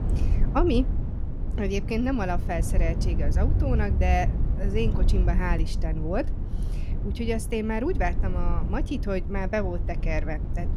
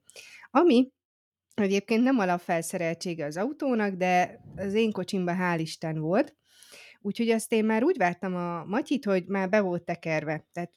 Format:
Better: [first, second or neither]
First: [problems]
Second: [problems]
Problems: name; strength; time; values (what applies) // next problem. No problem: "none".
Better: second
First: low rumble; noticeable; throughout; 10 dB below the speech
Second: none